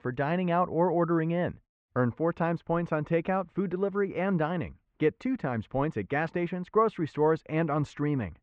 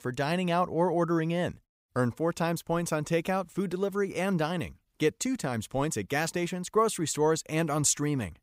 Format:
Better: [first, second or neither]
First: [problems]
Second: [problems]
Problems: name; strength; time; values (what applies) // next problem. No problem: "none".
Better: second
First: muffled; very; fading above 2 kHz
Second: none